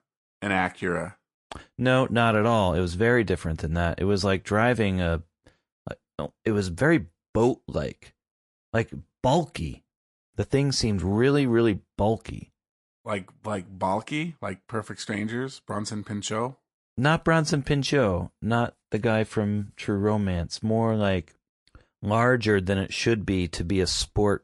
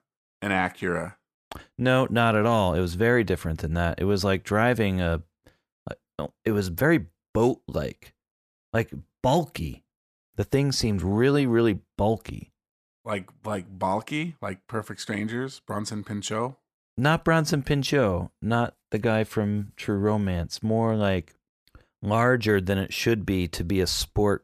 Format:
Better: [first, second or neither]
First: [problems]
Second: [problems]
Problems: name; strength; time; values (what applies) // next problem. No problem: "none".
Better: second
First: garbled, watery; slightly; nothing above 11 kHz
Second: none